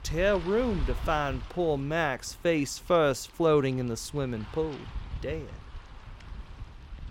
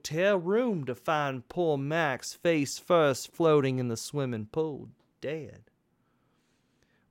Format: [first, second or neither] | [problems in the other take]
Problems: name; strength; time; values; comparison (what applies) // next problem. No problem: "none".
second | wind noise on the microphone; occasional gusts; 20 dB below the speech